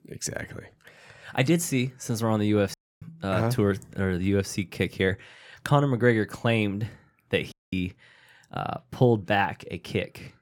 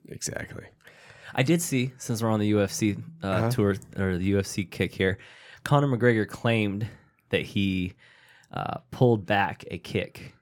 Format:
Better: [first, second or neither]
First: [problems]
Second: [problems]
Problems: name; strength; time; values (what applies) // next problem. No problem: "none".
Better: second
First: audio cutting out; at 2.5 s and at 7.5 s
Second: none